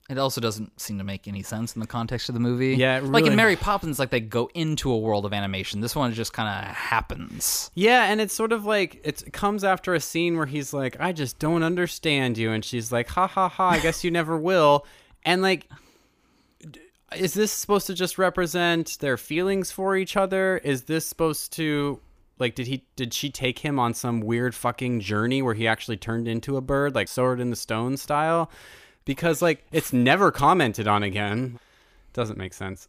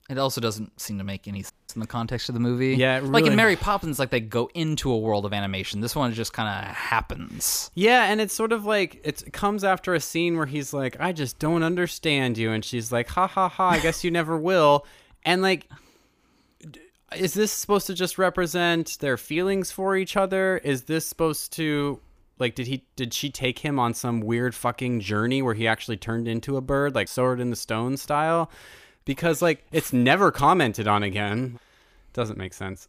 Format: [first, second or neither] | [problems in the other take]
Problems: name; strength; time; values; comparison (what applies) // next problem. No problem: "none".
first | audio cutting out; at 1.5 s